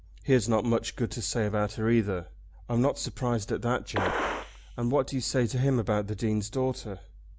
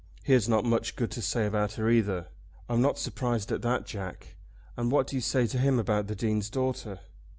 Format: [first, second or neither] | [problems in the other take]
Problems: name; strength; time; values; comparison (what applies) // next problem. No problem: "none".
second | background sound (Gunshot, gunfire); 6 dB below the speech